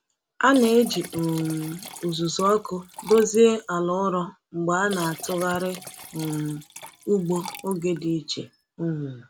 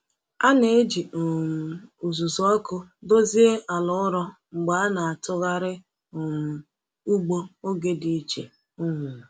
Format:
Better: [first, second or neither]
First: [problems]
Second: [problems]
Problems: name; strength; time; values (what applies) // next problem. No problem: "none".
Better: second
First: background sound (Liquid); 16 dB below the speech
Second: none